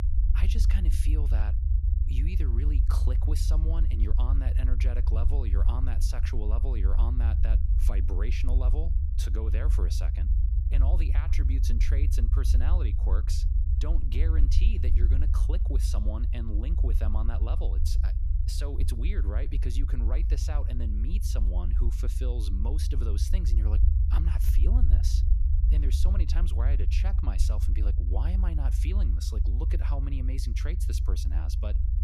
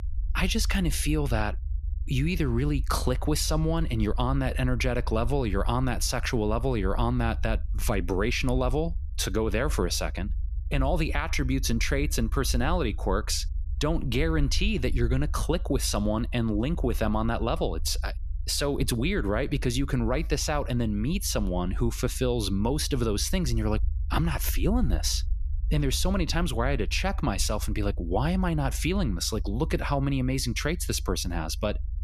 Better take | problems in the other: second | low rumble; loud; throughout; 4 dB below the speech; faint in the second

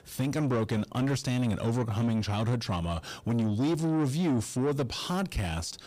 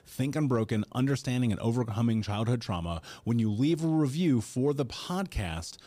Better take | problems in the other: second | distortion; slight; 10 dB below the speech

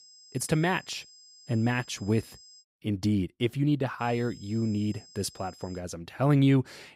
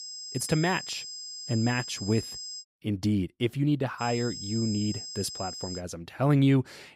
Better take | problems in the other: first | high-pitched whine; loud; until 2.5 s and from 4 to 6 s; 5 kHz, 8 dB below the speech; faint in the first

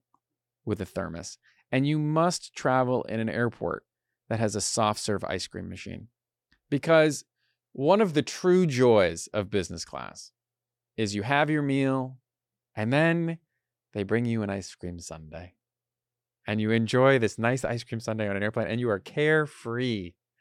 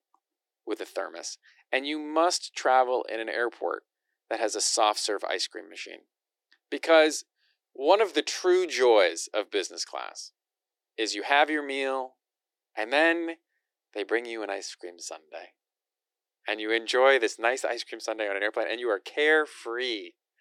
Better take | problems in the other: first | thin; very; fading below 300 Hz

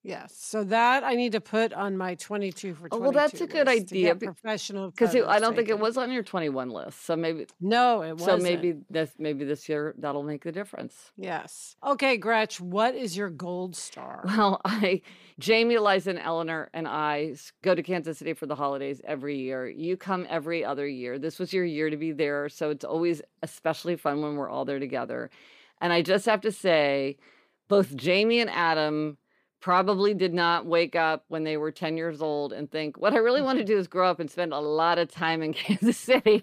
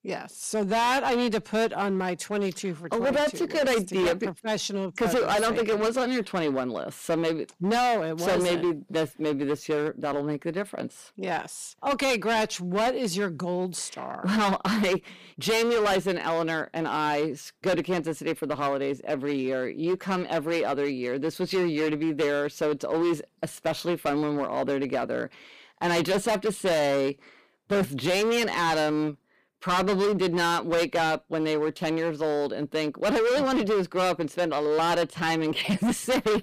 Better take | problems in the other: first | distortion; heavy; 16% of the sound clipped

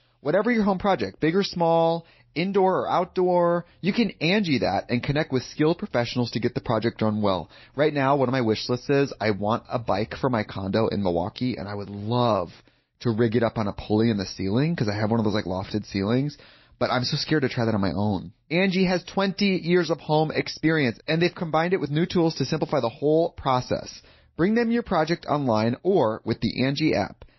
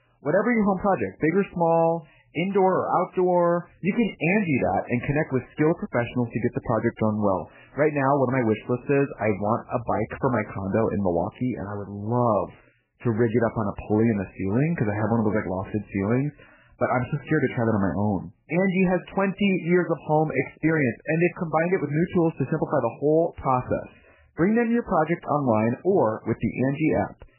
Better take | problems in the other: first | garbled, watery; badly; nothing above 3 kHz; slightly in the first

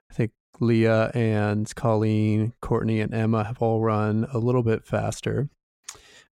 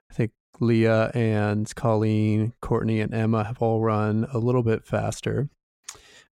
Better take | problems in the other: neither | none

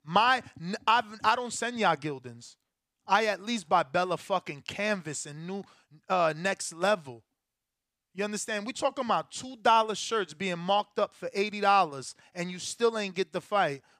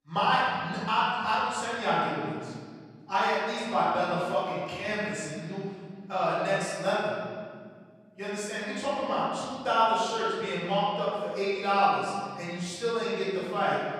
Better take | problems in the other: first | room echo; strong; dies away in 1.9 s // off-mic speech; far

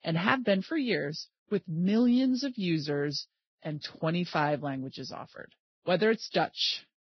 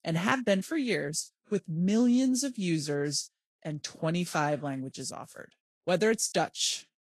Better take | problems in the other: second | garbled, watery; badly; nothing above 5.5 kHz; slightly in the second

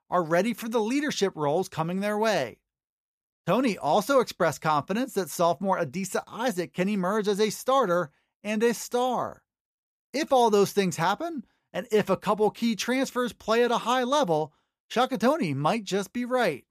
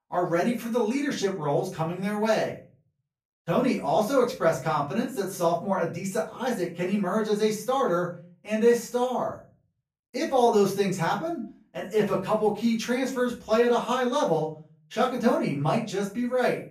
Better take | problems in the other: first | off-mic speech; far // room echo; slight; dies away in 0.3 s

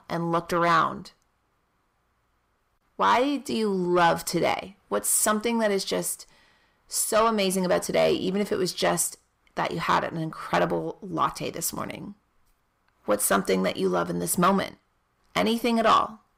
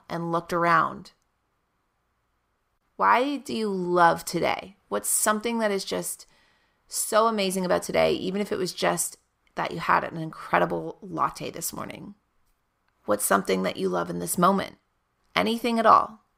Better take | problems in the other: second | distortion; slight; 10 dB below the speech

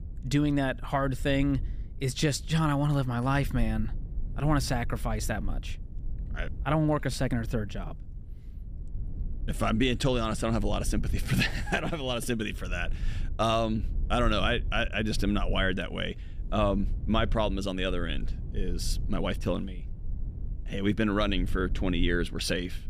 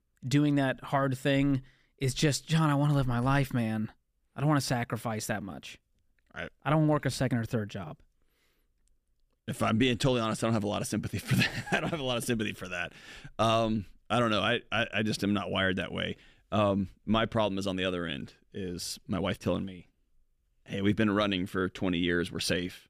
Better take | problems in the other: second | low rumble; faint; throughout; 25 dB below the speech

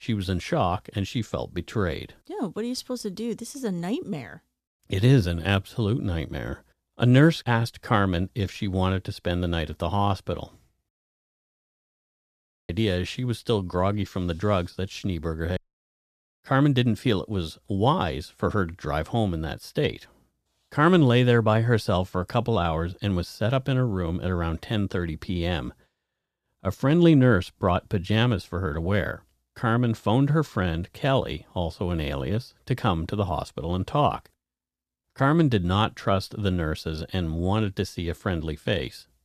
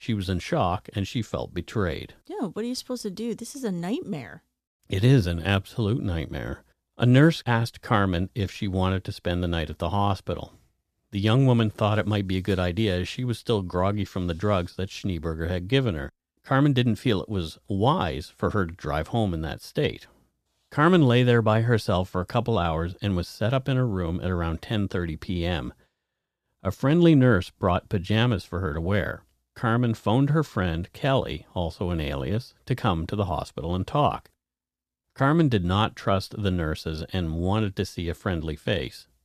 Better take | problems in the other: second | audio cutting out; at 11 s for 2 s and at 16 s for 1 s

